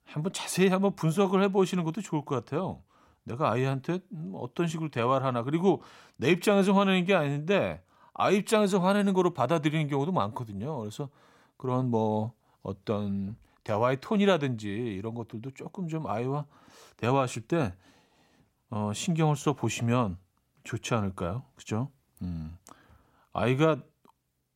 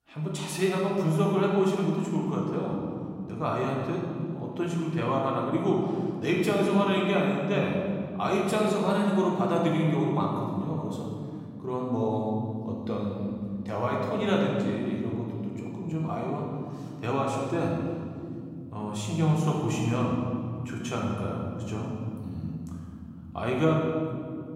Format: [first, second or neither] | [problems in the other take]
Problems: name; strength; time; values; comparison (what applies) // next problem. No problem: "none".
first | room echo; noticeable; dies away in 2.9 s // off-mic speech; far